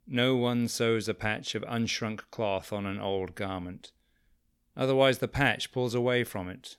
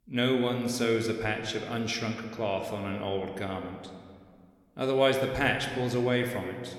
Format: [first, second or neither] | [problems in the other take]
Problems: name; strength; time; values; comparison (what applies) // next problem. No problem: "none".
first | room echo; slight; dies away in 1.5 s